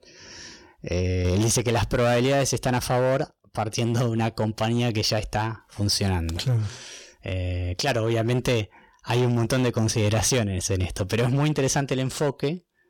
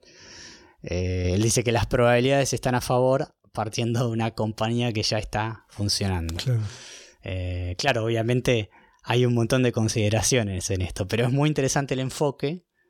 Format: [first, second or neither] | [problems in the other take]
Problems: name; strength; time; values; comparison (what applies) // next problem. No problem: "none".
second | distortion; slight; 9% of the sound clipped